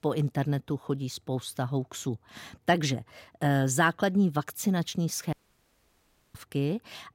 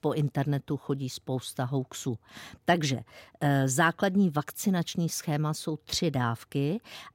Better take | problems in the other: second | audio cutting out; at 5.5 s for 1 s

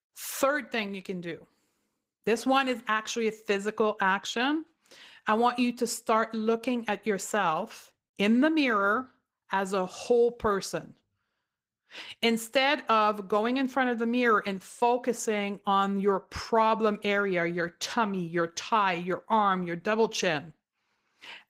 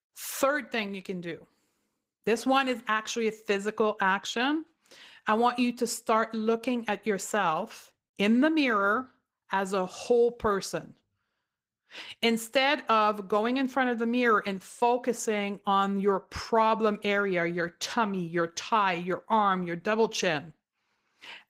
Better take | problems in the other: neither | garbled, watery; slightly; nothing above 15.5 kHz; the same in both

